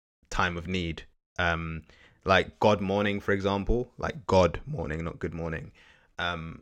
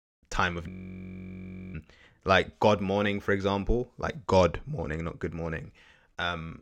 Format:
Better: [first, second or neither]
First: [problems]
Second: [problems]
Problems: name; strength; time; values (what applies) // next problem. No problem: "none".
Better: first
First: none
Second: audio freezing; at 0.5 s for 1 s